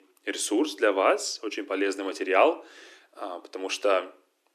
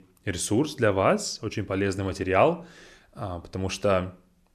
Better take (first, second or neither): second